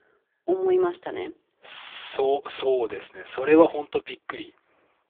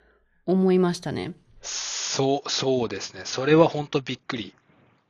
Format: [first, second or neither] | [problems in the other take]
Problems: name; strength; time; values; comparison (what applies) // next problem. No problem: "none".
second | phone-call audio; poor line; nothing above 3.5 kHz